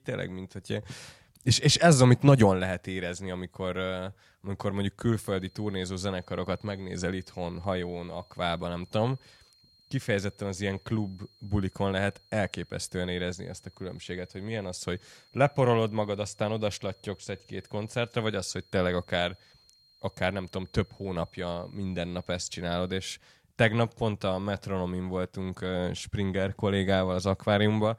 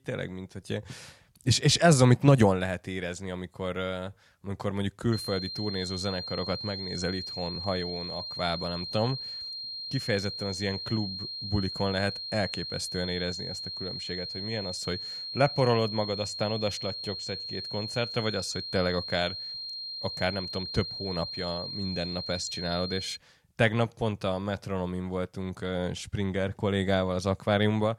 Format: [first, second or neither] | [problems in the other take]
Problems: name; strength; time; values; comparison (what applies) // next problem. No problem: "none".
first | high-pitched whine; loud; from 5 to 23 s; 4 kHz, 5 dB below the speech; faint in the first